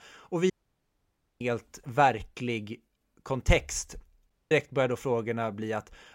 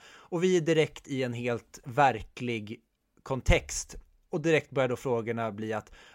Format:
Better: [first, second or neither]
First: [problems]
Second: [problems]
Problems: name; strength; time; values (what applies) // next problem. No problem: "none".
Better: second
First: audio cutting out; at 0.5 s for 1 s and at 4.5 s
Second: none